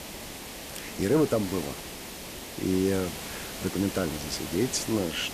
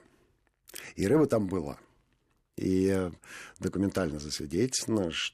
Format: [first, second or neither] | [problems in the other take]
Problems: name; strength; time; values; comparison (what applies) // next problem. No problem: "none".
second | hiss; loud; throughout; 8 dB below the speech